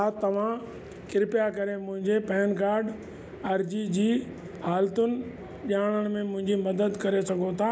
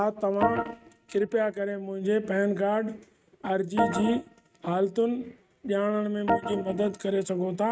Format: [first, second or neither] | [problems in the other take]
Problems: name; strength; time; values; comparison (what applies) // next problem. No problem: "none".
first | noise reduction (neural mask model RNNoise)